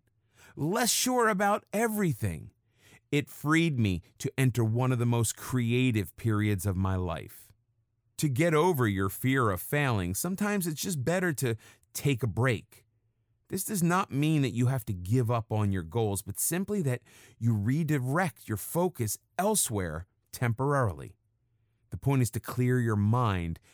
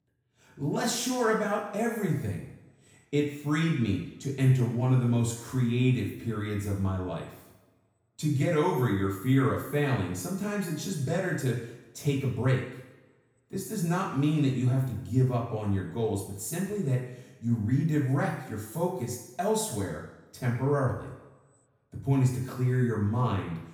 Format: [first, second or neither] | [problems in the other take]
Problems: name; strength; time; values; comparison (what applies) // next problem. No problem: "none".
first | room echo; noticeable; dies away in 0.8 s // off-mic speech; far